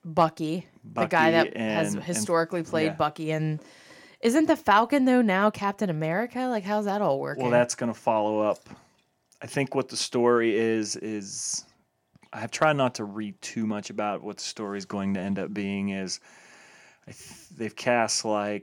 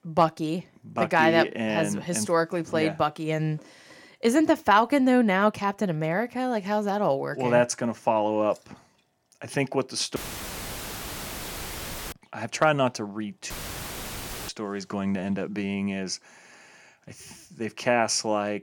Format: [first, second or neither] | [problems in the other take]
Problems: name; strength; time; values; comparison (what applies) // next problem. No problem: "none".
first | audio cutting out; filled with static; at 10 s for 2 s and at 14 s for 1 s